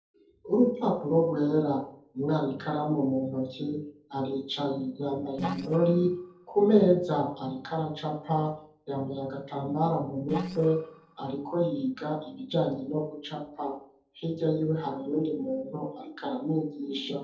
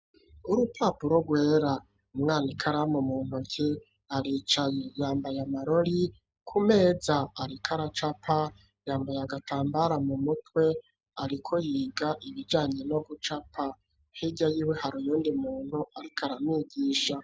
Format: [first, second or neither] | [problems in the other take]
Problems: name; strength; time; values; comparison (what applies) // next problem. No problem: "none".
second | noise reduction (neural separator model SepFormer DNS4)